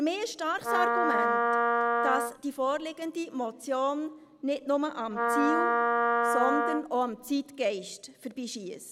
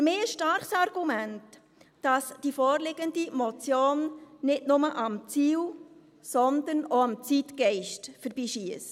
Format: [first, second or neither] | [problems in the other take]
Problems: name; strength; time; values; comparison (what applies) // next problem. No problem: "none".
second | background sound (Wind instrument, woodwind instrument); 3 dB above the speech